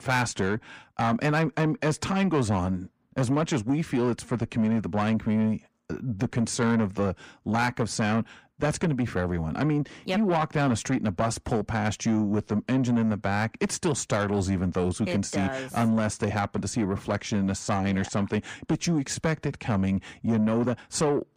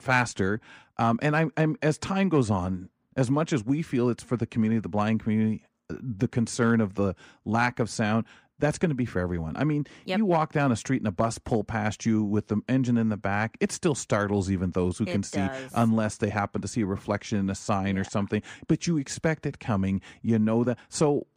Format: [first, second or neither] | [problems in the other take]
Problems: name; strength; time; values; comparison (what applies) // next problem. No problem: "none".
second | distortion; slight; 10 dB below the speech